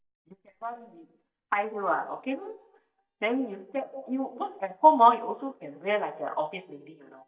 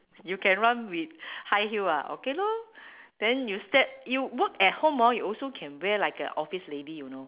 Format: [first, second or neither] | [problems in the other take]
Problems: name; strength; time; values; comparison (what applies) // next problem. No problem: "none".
second | noise reduction (neural mask model DeepFilterNet 3)